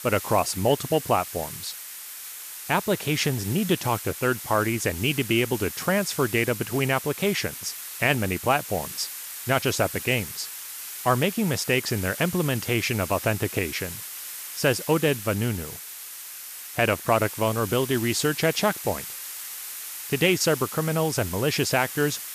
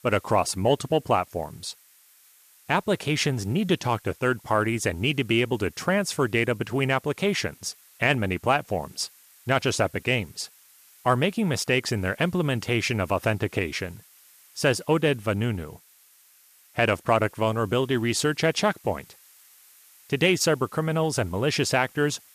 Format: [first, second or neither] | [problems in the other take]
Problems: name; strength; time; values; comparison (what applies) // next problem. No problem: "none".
second | hiss; loud; throughout; 9 dB below the speech; faint in the second